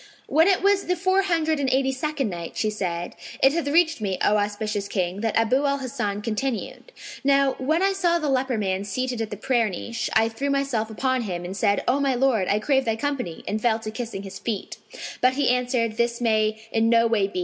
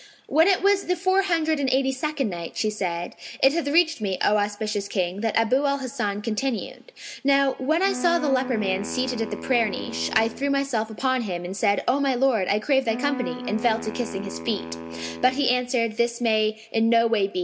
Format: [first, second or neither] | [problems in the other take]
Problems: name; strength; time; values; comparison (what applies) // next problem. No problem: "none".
first | background sound (Wind instrument, woodwind instrument); 11 dB below the speech